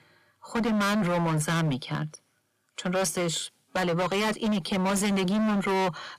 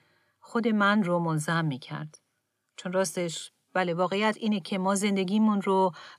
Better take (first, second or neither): second